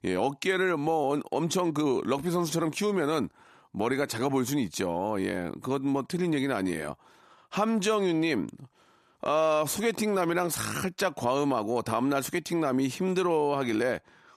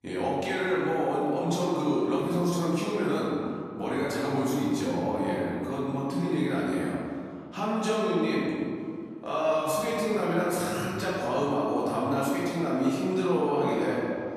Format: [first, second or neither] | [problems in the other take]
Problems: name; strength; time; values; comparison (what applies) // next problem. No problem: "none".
first | room echo; strong; dies away in 2.1 s // off-mic speech; far